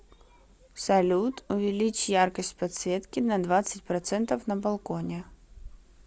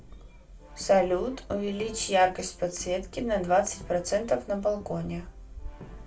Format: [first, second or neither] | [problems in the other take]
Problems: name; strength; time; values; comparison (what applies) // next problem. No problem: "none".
first | background sound (Brass instrument); 18 dB below the speech // room echo; dies away in 0.2 s